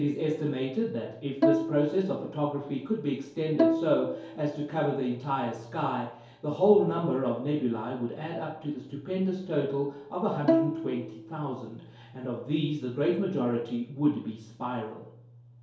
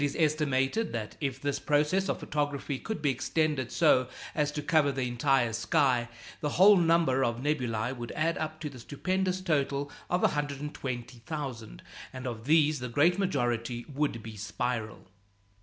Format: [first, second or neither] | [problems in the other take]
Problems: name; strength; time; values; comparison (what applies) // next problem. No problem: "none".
second | background sound (Bowed string instrument); 1 dB below the speech // room echo; dies away in 2.4 s